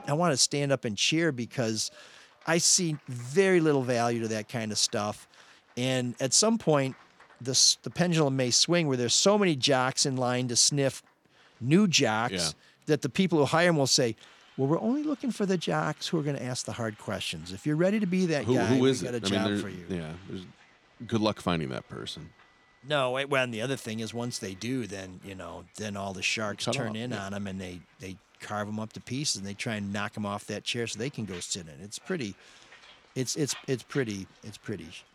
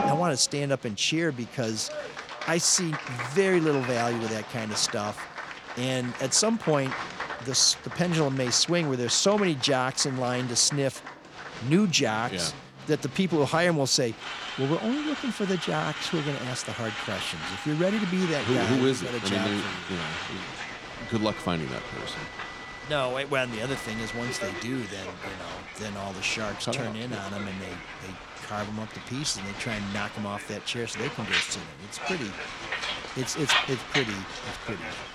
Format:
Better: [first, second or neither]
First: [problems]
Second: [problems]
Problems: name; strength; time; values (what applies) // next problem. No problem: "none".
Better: first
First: crowd noise; faint; throughout; 30 dB below the speech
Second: crowd noise; loud; throughout; 7 dB below the speech